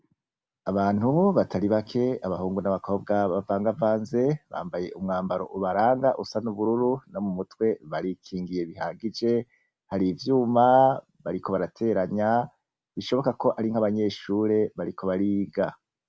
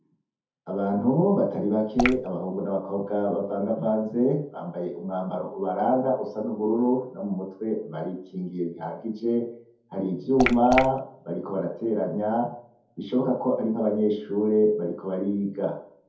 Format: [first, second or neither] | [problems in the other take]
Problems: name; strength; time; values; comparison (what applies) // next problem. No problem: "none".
first | background sound (Drip / Water); 1 dB below the speech // room echo; dies away in 0.5 s